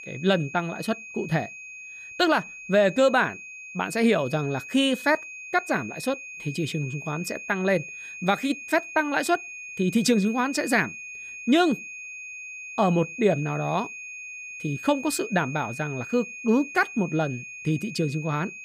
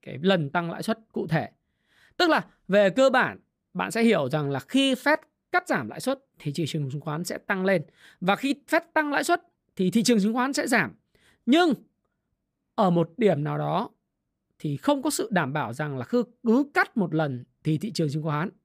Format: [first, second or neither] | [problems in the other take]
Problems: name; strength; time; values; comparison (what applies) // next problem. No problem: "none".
second | high-pitched whine; noticeable; throughout; 2.5 kHz, 10 dB below the speech